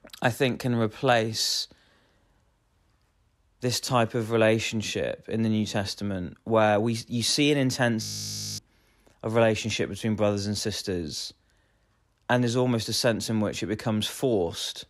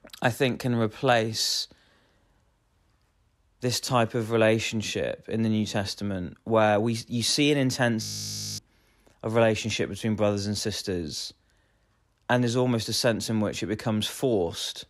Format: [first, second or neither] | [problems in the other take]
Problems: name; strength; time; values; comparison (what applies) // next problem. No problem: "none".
neither | audio freezing; at 8 s for 0.5 s; the same in both